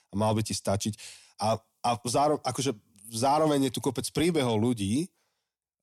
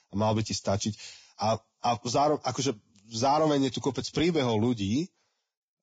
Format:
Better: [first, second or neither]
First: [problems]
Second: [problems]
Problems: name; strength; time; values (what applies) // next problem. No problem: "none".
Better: first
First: none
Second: garbled, watery; badly; nothing above 7.5 kHz